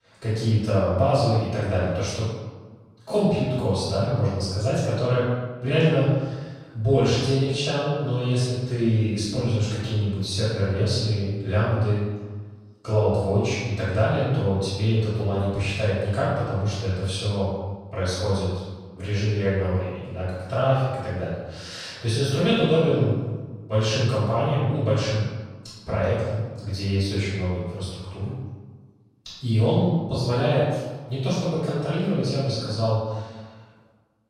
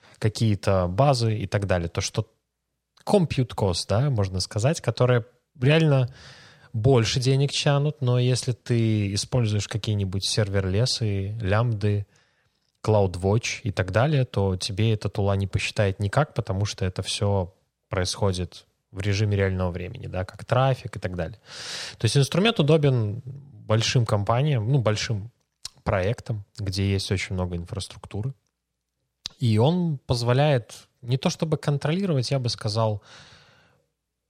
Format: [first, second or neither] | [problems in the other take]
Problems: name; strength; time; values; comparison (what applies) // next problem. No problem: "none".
second | off-mic speech; far // room echo; strong; dies away in 1.2 s